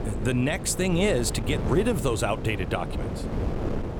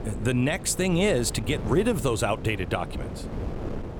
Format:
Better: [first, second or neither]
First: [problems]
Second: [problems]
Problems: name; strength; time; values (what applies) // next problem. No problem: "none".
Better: second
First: wind noise on the microphone; heavy; 9 dB below the speech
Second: wind noise on the microphone; occasional gusts; 15 dB below the speech